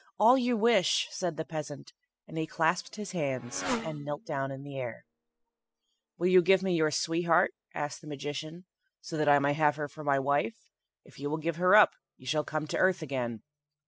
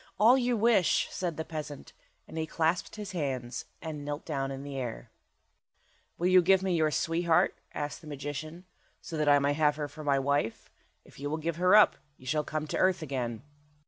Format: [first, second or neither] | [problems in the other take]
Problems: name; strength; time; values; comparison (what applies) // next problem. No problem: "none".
second | noise reduction (classical method spectral subtraction)